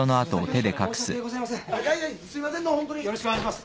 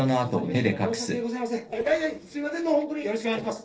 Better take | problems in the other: first | noise reduction (neural separator model SepFormer DNS4)

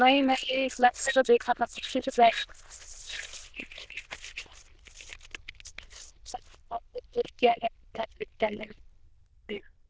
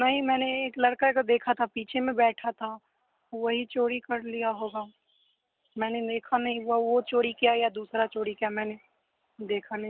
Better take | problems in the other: second | noise reduction (neural diffusion model UNIVERSE++)

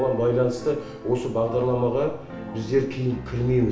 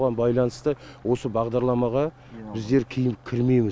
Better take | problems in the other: second | background sound (Piano); 15 dB below the speech // room echo; dies away in 0.7 s

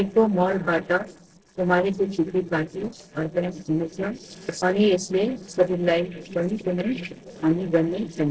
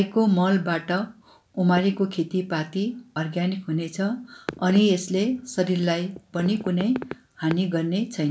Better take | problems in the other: second | noise reduction (neural separator model SepFormer DNS4)

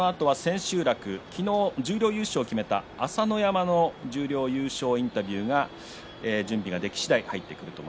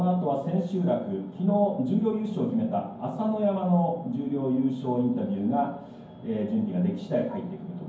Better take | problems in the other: first | room echo; dies away in 0.9 s

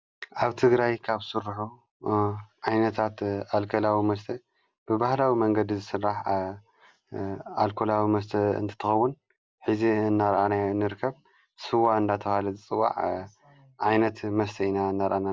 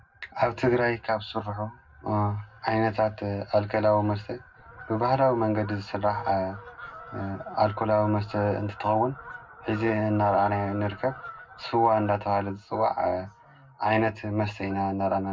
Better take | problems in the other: first | background sound (Fowl); 19 dB below the speech // room echo; dies away in 0.3 s

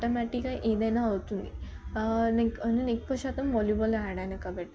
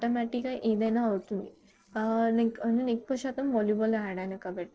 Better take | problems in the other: first | noise reduction (neural separator model SepFormer DNS4)

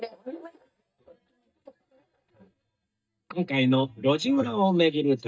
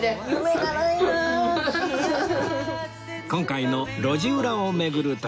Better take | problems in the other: second | noise reduction (neural mask model DeepFilterNet 3)

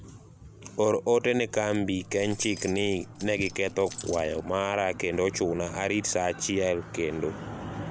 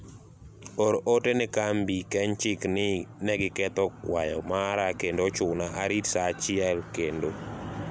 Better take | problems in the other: second | background sound (Keys jangling); 16 dB below the speech

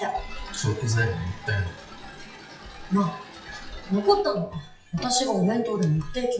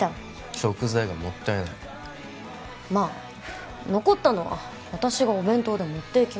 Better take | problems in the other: second | noise reduction (classical method WPE with log-MMSE)

